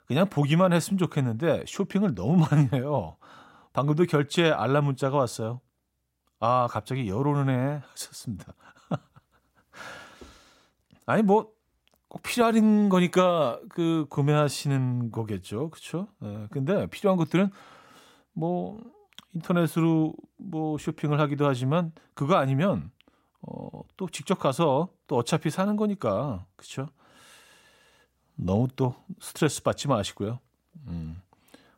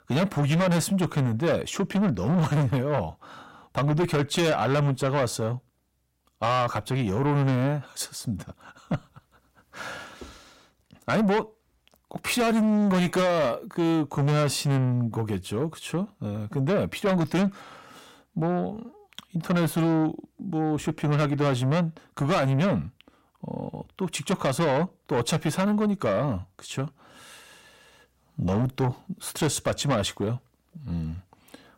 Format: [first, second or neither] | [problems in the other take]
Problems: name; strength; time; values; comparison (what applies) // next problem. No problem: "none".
first | distortion; heavy; 7 dB below the speech